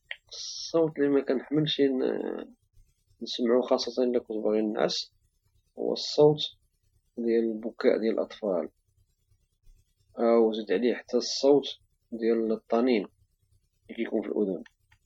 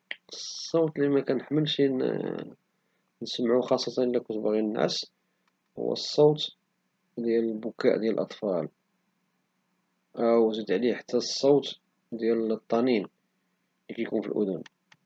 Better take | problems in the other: second | noise reduction (classical method Wiener filter)

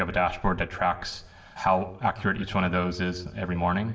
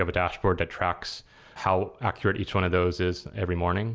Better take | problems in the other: second | room echo; dies away in 2.4 s

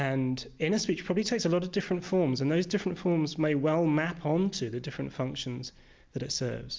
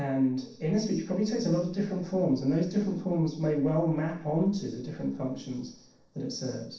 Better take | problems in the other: first | noise reduction (neural separator model SepFormer DNS4)

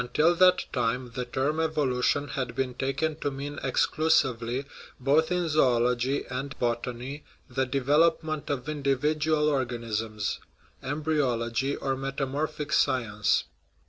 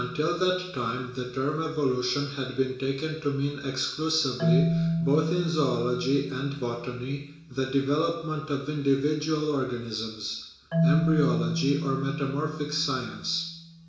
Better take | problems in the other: first | background sound (Marimba, xylophone); 4 dB below the speech // room echo; dies away in 0.7 s

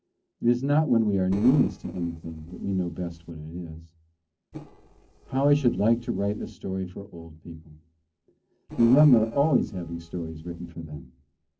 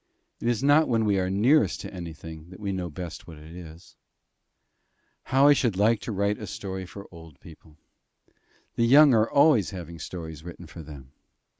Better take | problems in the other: second | noise reduction (neural separator model SepFormer DNS4)

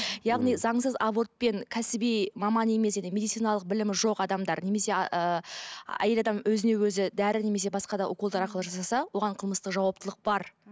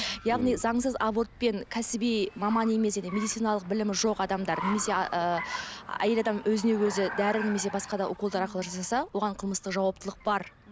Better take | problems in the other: first | background sound (Car); 14 dB below the speech

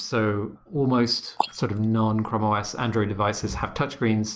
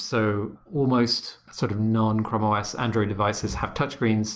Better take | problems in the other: second | noise reduction (neural mask model Resemble Enhance denoiser)

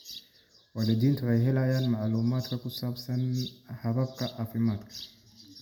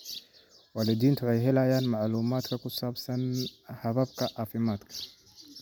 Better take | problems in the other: second | room echo; dies away in 1 s

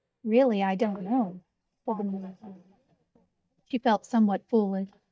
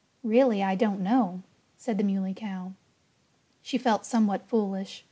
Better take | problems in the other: second | noise reduction (neural mask model DeepFilterNet 3)

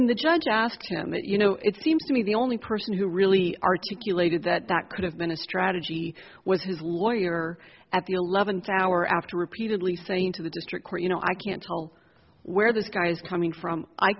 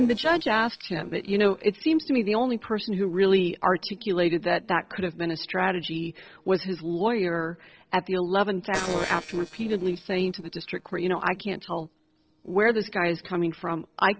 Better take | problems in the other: first | noise reduction (neural separator model SepFormer DNS4)

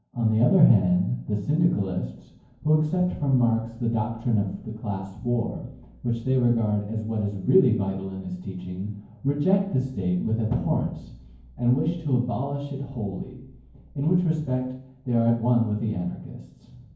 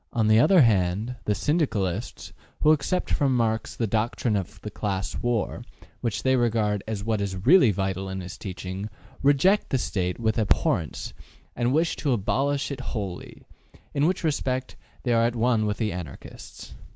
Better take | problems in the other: second | room echo; dies away in 0.9 s

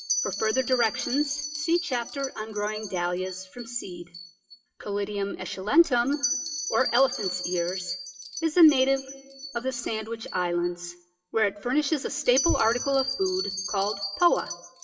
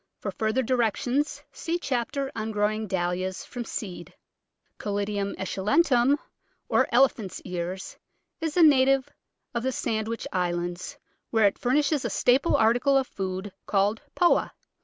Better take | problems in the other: second | noise reduction (classical method WPE with log-MMSE)

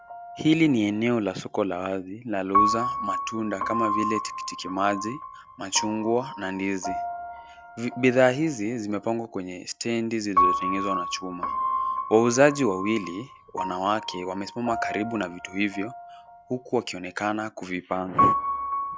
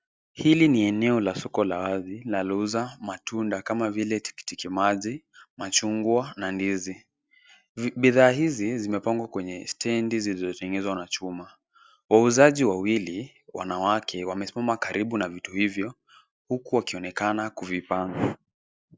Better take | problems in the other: second | background sound (Piano); 4 dB below the speech

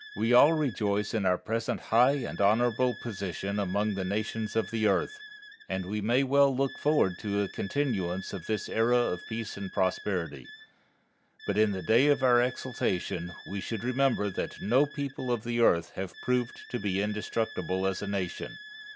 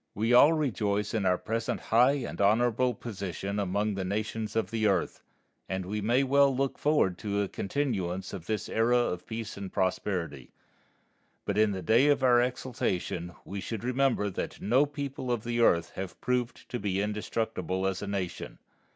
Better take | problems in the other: second | background sound (Wind instrument, woodwind instrument); 18 dB below the speech

